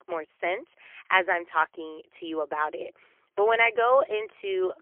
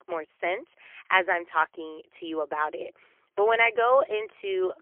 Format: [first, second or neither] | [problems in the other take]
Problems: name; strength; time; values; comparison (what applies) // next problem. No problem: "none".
neither | phone-call audio; poor line; nothing above 3 kHz; the same in both